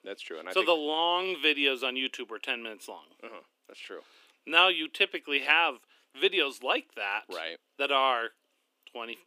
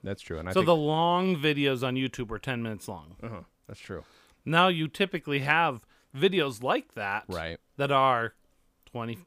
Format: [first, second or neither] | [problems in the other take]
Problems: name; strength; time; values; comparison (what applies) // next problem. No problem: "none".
second | thin; somewhat; fading below 300 Hz